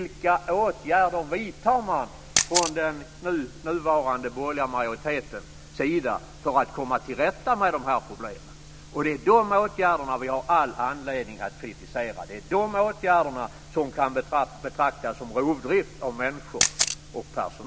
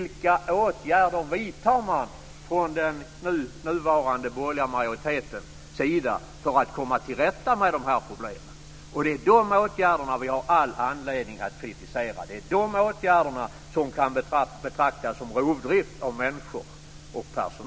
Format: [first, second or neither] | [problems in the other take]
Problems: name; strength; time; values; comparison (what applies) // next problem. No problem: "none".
second | background sound (Camera); 2 dB below the speech